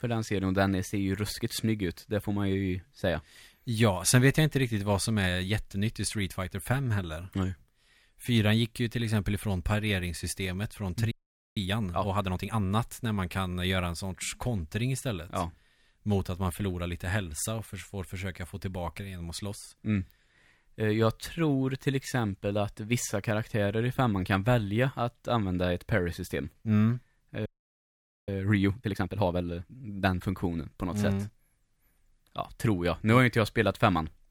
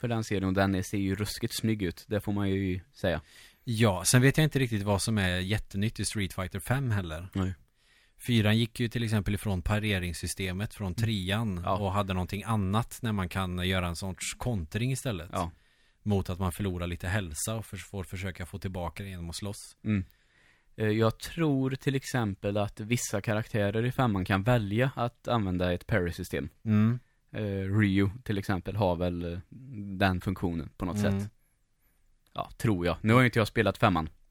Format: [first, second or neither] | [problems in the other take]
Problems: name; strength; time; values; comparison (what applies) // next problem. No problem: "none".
second | audio freezing; at 11 s and at 27 s for 1 s